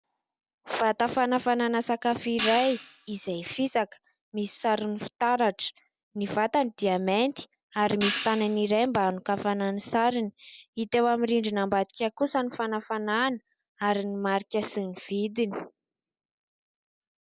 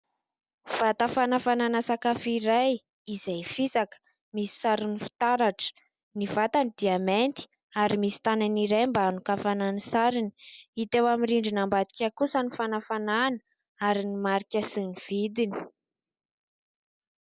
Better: second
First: background sound (Hi-hat); 9 dB below the speech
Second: none

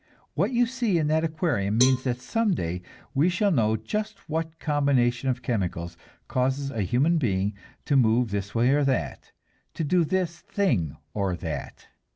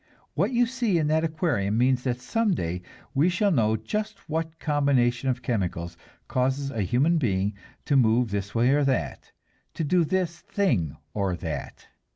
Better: second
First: background sound (Cowbell); 11 dB below the speech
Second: none

